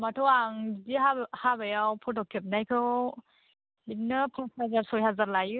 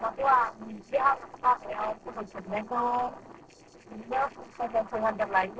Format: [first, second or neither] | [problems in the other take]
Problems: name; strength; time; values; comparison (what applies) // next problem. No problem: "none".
first | noise reduction (neural separator model SepFormer DNS4)